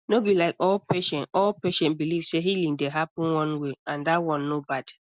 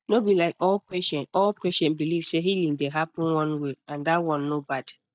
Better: first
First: none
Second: noise reduction (neural mask model DeepFilterNet 3)

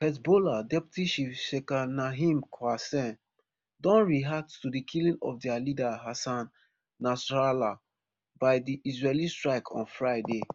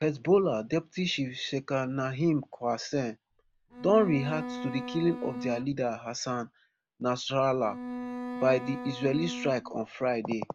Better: first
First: none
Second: background sound (Bowed string instrument); 9 dB below the speech

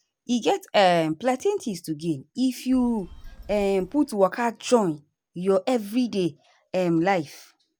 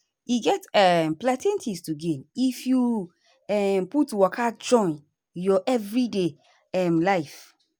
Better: second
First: background sound (Telephone); 19 dB below the speech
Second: none

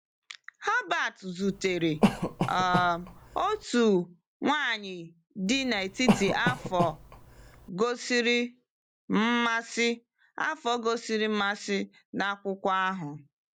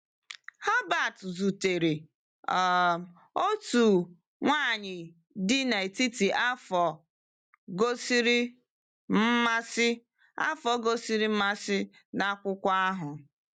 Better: second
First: background sound (Cough); 2 dB below the speech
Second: none

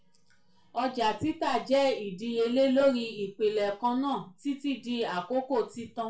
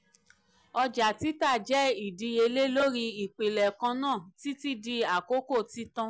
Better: second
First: room echo; dies away in 0.3 s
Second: none

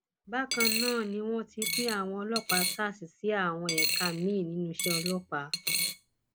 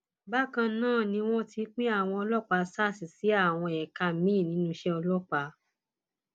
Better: second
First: background sound (Coin (dropping)); 1 dB below the speech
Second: none

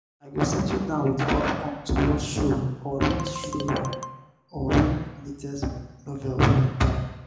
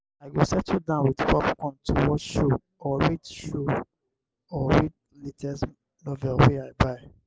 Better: second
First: background sound (Marimba, xylophone); 11 dB below the speech // room echo; dies away in 0.8 s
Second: none

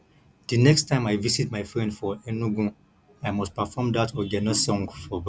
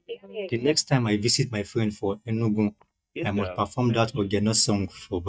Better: first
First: none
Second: noise reduction (neural mask model DeepFilterNet 3)

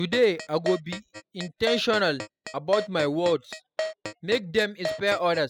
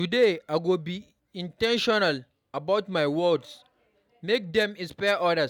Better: second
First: noise reduction (classical method spectral subtraction)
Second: none

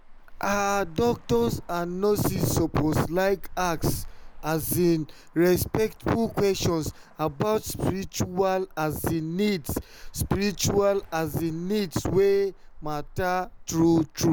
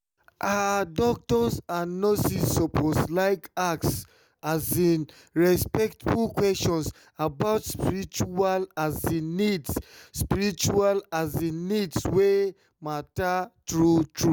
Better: second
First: background sound (Traffic noise, roadway noise); 15 dB below the speech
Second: none

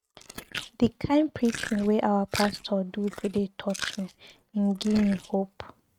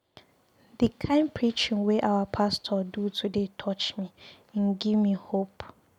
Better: second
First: noise reduction (neural mask model RNNoise)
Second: none

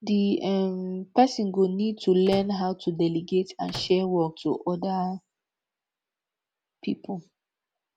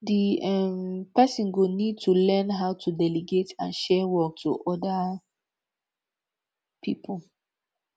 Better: second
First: background sound (Microwave oven); 16 dB below the speech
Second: none

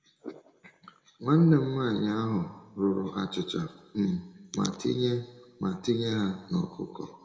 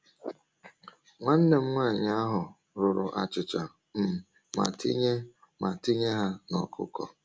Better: second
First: room echo; dies away in 1.1 s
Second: none

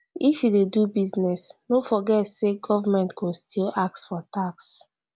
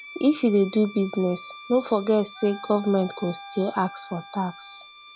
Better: first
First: none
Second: background sound (Wind instrument, woodwind instrument + Bowed string instrument); 17 dB below the speech

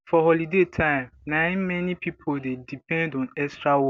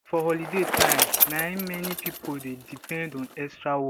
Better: first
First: none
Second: background sound (Bicycle); 1 dB above the speech

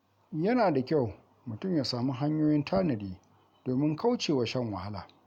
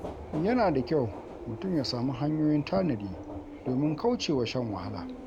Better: first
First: none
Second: background sound (Subway, metro, underground); 12 dB below the speech

